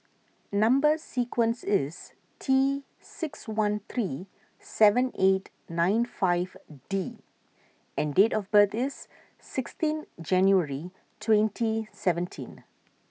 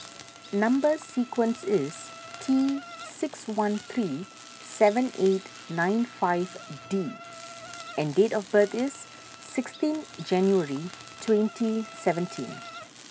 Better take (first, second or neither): first